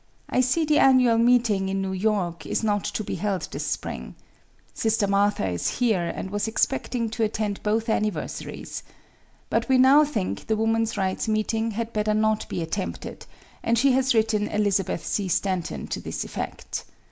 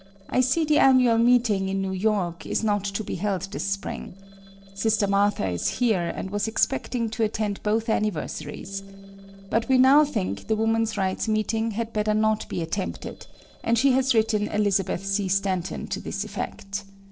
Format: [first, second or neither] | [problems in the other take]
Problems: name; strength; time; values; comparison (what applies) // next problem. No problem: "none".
first | noise reduction (neural separator model SepFormer DNS4)